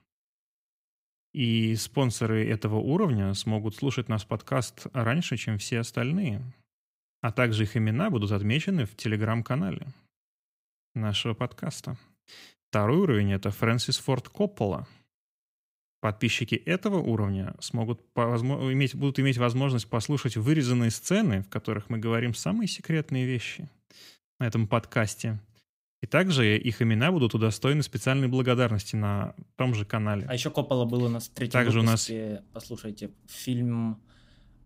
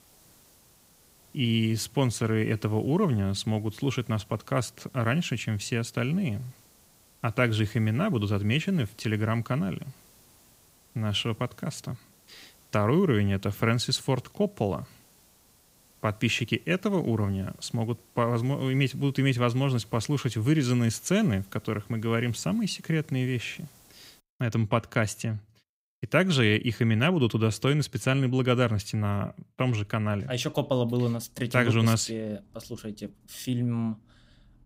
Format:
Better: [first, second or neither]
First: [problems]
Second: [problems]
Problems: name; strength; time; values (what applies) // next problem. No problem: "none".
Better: first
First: none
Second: hiss; faint; until 24 s; 30 dB below the speech